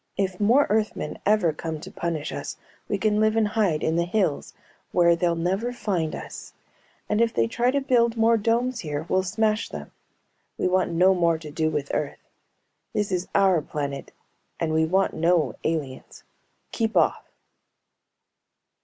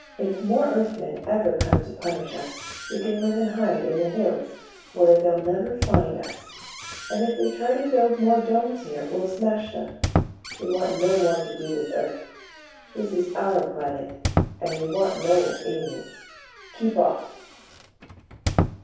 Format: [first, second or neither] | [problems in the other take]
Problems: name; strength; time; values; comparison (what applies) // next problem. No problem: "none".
first | background sound (Squeak); 7 dB below the speech // room echo; dies away in 0.7 s